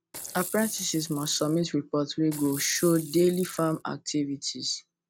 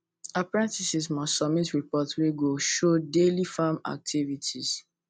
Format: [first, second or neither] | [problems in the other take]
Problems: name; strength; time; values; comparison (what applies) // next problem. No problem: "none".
second | background sound (Rattle / Rattle (instrument)); 12 dB below the speech